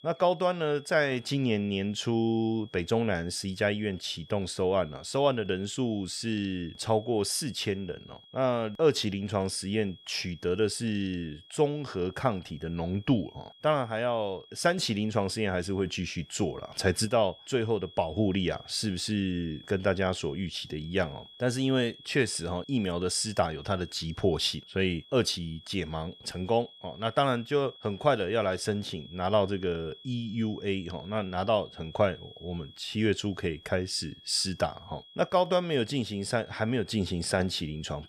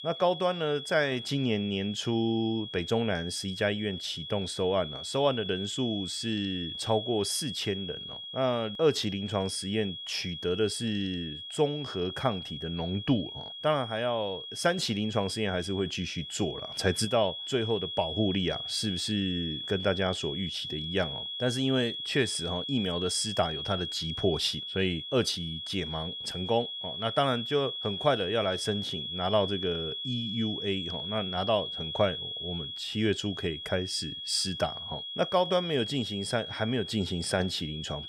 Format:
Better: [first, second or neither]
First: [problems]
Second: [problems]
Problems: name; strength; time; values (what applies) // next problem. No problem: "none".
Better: first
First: high-pitched whine; faint; throughout; 3.5 kHz, 20 dB below the speech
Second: high-pitched whine; loud; throughout; 3.5 kHz, 5 dB below the speech